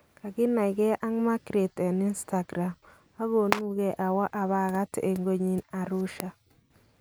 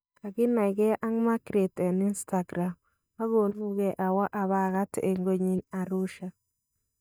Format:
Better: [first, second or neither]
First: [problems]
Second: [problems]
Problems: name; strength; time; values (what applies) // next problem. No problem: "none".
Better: first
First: none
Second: noise reduction (neural mask model DeepFilterNet 3)